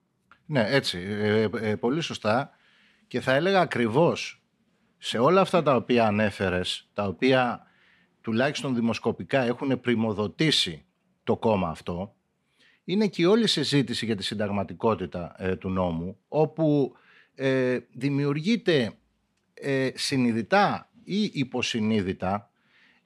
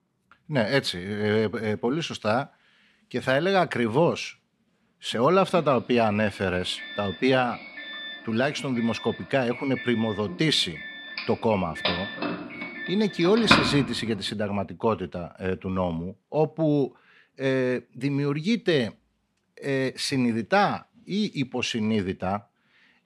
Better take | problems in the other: first | doorbell; loud; from 11 to 14 s; peak 5 dB above the speech

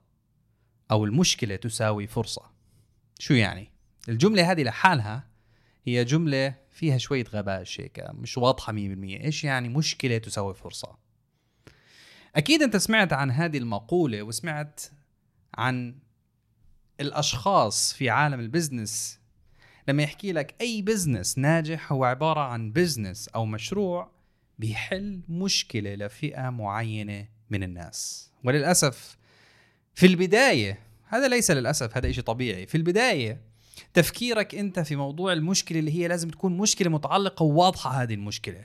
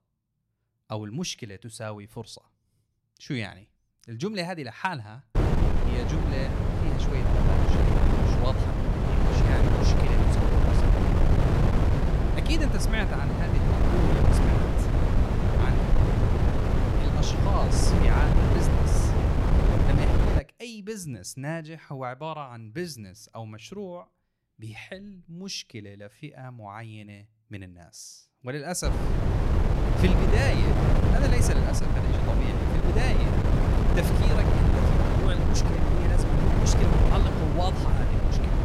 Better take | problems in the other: first | wind noise on the microphone; heavy; from 5.5 to 20 s and from 29 s on; 4 dB above the speech

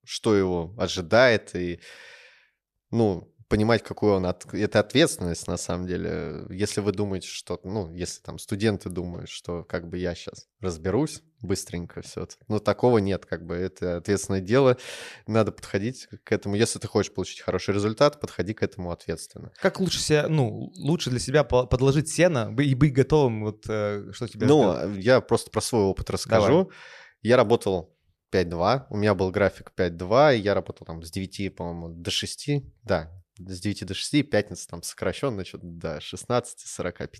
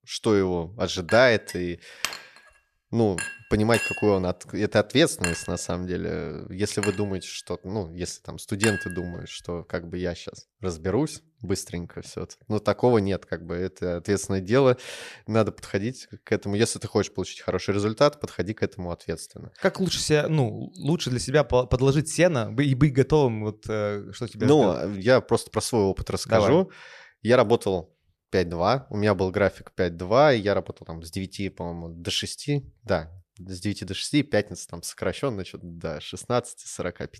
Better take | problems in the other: first | clattering dishes; noticeable; from 1 to 9 s; peak 3 dB below the speech

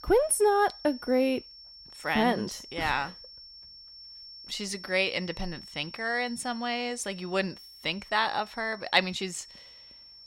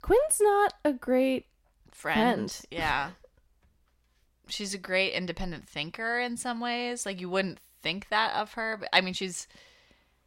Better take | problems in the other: second | high-pitched whine; noticeable; throughout; 5.5 kHz, 15 dB below the speech

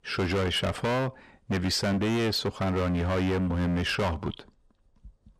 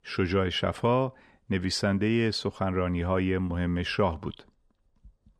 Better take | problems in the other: second | distortion; heavy; 23% of the sound clipped

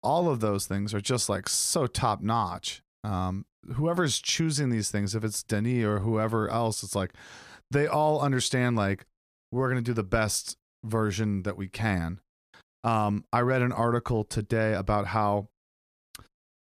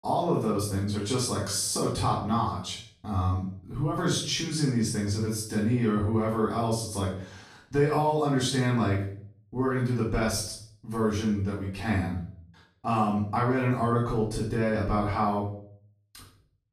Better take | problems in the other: first | off-mic speech; far // room echo; noticeable; dies away in 0.5 s

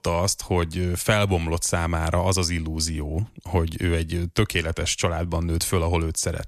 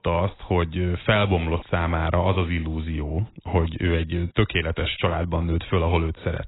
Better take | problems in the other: first | garbled, watery; badly; nothing above 4 kHz

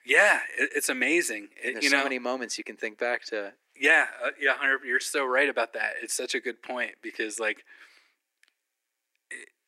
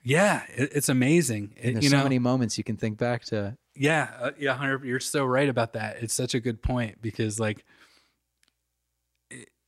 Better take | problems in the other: second | thin; very; fading below 300 Hz

